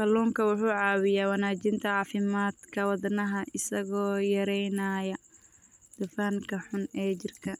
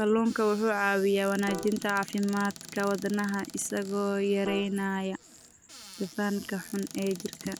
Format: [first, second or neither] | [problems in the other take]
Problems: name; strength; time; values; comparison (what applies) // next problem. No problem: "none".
first | background sound (Squeak / Cupboard open or close + Piano); 15 dB below the speech